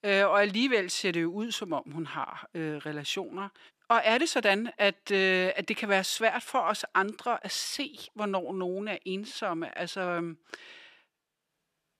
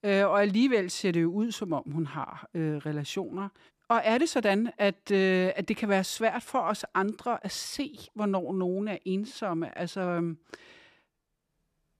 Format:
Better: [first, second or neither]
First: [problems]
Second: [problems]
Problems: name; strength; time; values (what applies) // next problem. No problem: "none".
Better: second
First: thin; very slightly; fading below 950 Hz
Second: none